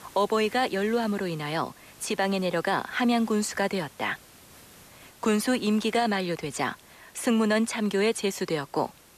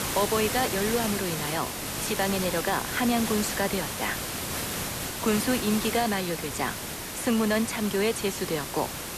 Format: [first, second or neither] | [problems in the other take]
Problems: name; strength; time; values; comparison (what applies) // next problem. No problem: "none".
first | hiss; loud; throughout; 3 dB below the speech; faint in the first